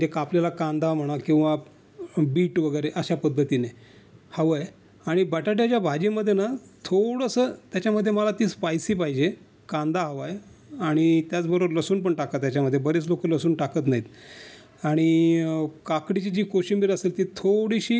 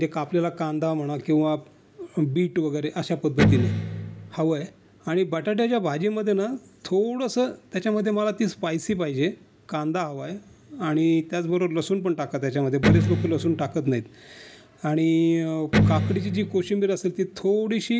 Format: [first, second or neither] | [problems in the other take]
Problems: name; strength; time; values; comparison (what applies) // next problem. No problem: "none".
first | background sound (Electric guitar); 2 dB above the speech